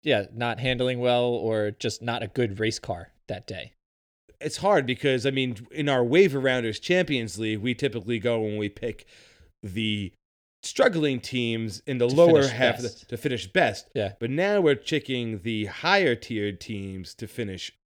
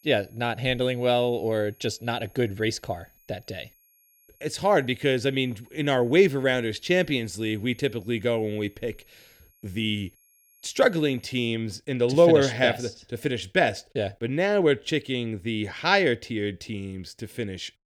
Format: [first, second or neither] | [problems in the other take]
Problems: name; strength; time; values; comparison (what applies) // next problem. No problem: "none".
first | high-pitched whine; faint; until 11 s; 11.5 kHz, 30 dB below the speech